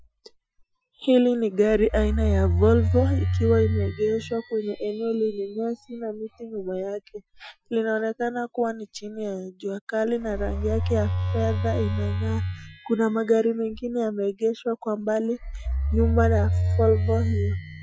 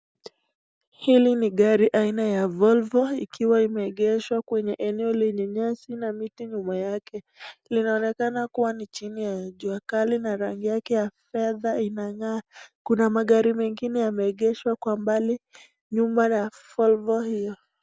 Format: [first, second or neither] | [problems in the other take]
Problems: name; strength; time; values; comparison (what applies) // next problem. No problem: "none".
second | noise reduction (classical method Wiener filter)